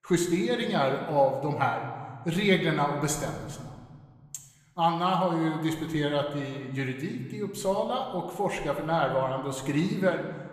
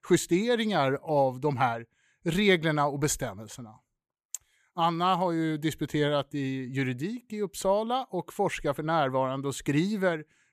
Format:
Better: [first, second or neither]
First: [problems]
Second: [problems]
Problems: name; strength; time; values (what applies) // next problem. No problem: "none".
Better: second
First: room echo; slight; dies away in 1.3 s // off-mic speech; somewhat distant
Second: none